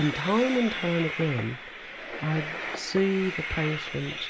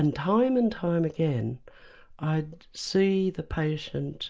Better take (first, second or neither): second